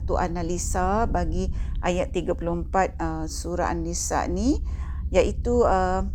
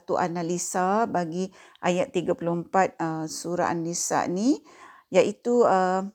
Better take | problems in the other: second | low rumble; faint; throughout; 25 dB below the speech

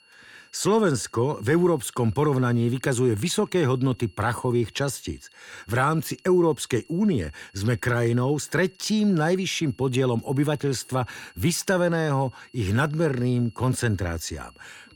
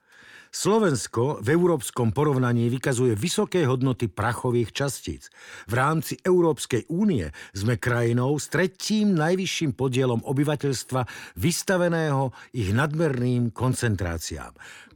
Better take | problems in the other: second | high-pitched whine; faint; throughout; 3 kHz, 30 dB below the speech

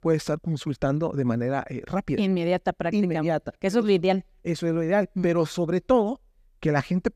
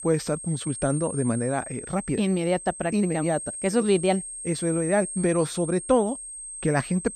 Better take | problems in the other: first | high-pitched whine; loud; throughout; 8.5 kHz, 9 dB below the speech

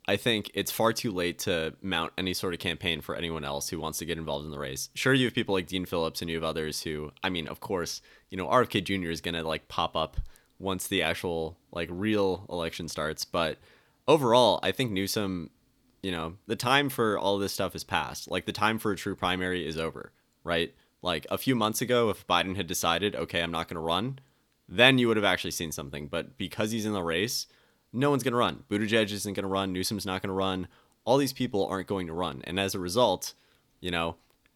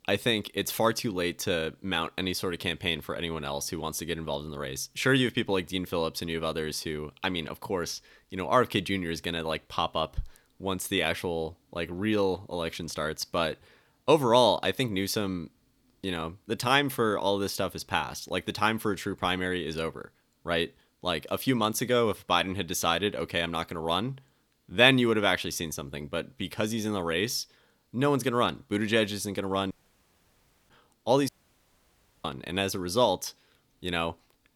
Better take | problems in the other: first | audio cutting out; at 30 s for 1 s and at 31 s for 1 s

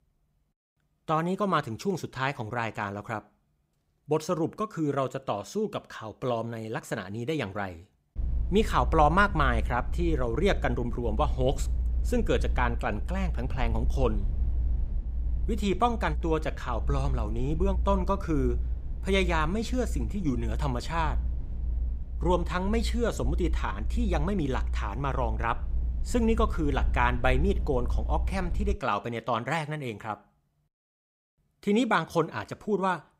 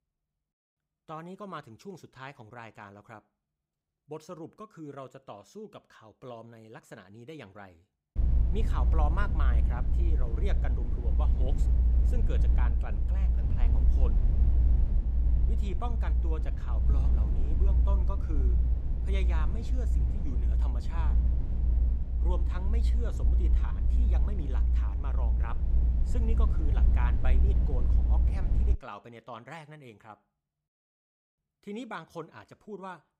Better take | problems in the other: first | low rumble; loud; from 8 to 29 s; 3 dB below the speech; faint in the first

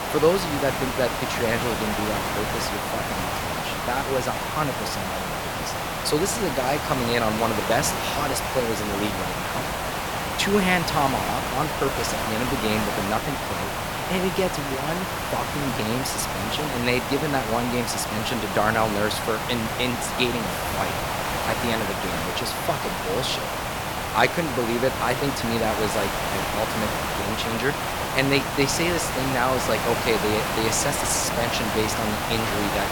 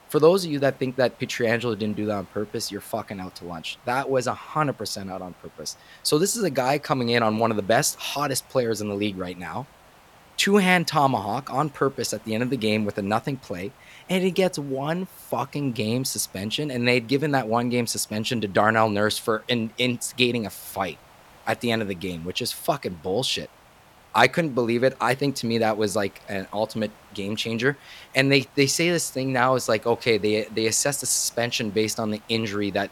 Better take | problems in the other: second | hiss; loud; throughout; as loud as the speech; faint in the second

